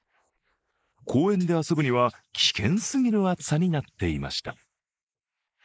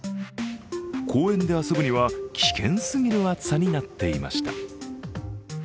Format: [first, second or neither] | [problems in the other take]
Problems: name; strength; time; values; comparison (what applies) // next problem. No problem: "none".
second | noise reduction (neural mask model Resemble Enhance denoiser)